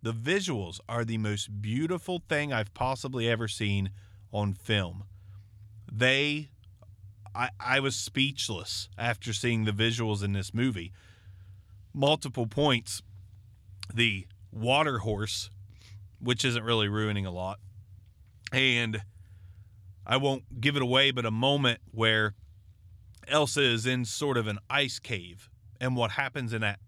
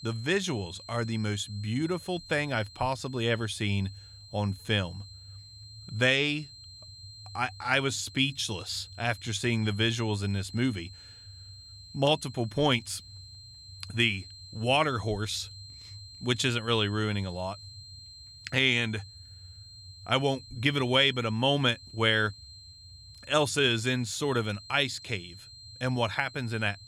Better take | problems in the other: first | high-pitched whine; noticeable; throughout; 4 kHz, 20 dB below the speech

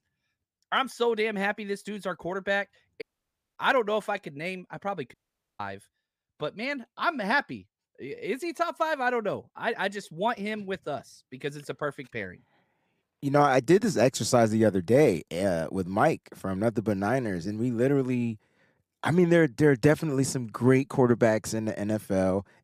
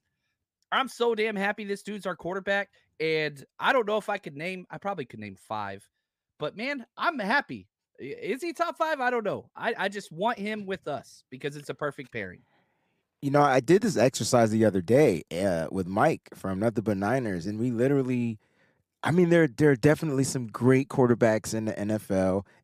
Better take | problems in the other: second | audio cutting out; at 3 s for 0.5 s and at 5 s

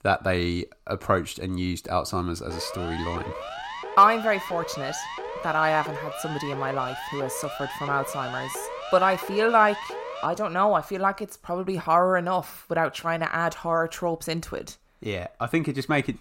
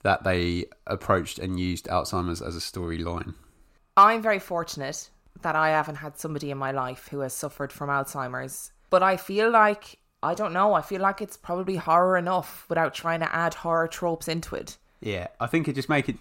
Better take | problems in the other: second | siren; noticeable; from 2.5 to 10 s; peak 8 dB below the speech

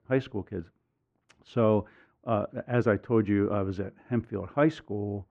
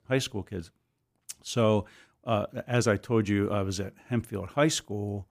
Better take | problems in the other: second | muffled; very; fading above 1.5 kHz

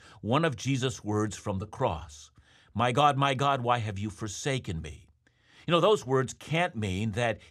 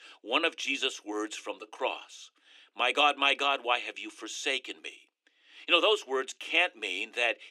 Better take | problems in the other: first | thin; somewhat; fading below 300 Hz

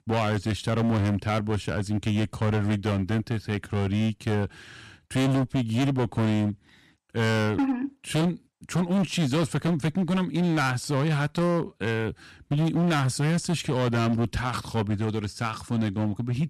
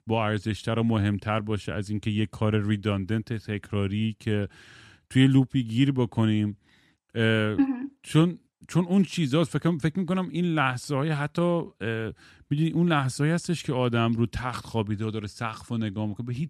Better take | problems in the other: second | distortion; heavy; 18% of the sound clipped

